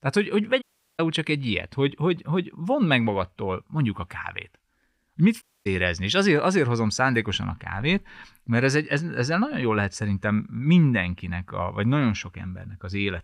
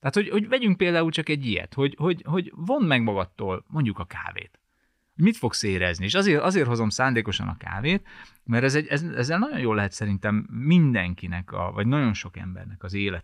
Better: second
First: audio cutting out; at 0.5 s and at 5.5 s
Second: none

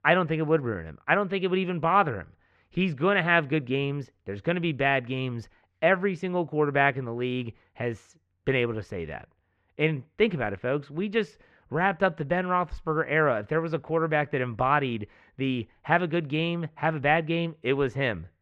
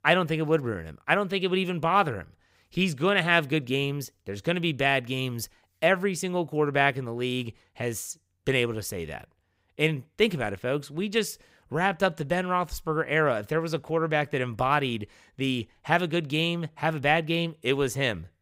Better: second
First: muffled; very; fading above 2 kHz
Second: none

